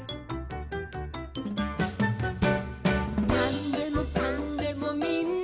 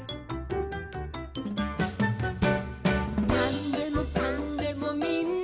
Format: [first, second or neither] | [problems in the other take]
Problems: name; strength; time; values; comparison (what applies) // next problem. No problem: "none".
first | background sound (Bowed string instrument); 13 dB below the speech